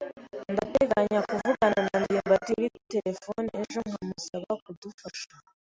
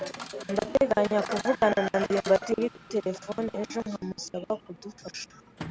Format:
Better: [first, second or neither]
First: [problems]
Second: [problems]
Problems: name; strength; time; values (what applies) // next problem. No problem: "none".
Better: first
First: none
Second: background sound (Coin (dropping) / Chatter); 17 dB below the speech